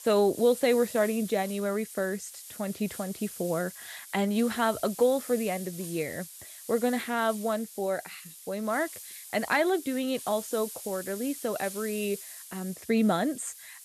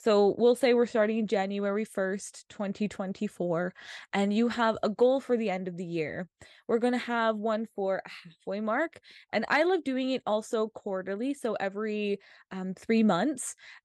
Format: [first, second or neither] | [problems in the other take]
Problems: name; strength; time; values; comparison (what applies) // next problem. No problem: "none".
second | hiss; noticeable; throughout; 10 dB below the speech